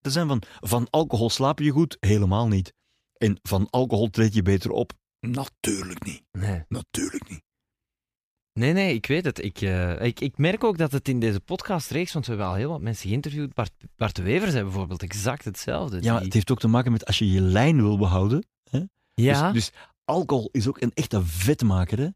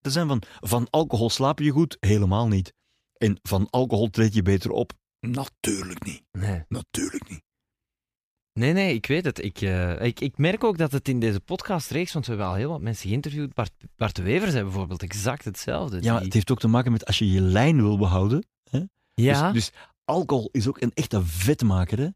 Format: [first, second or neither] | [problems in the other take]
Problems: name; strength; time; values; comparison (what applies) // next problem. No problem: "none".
neither | none